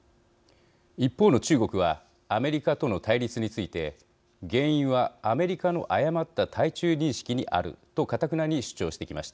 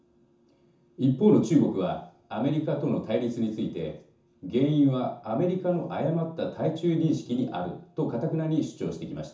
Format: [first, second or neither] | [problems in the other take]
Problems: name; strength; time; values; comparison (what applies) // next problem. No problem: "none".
first | room echo; dies away in 0.9 s